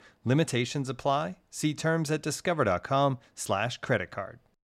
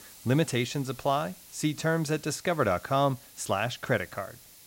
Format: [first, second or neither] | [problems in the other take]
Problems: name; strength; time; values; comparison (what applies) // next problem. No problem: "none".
first | hiss; noticeable; throughout; 20 dB below the speech